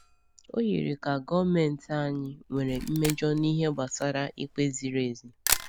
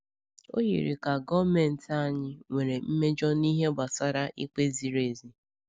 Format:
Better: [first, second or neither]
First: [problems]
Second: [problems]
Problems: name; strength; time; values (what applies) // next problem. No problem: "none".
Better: second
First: background sound (Camera); 10 dB below the speech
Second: none